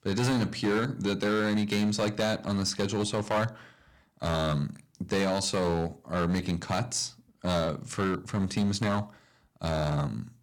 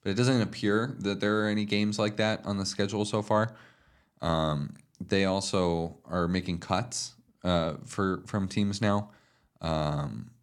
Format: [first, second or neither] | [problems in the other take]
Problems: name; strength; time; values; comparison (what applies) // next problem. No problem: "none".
second | distortion; heavy; 9% of the sound clipped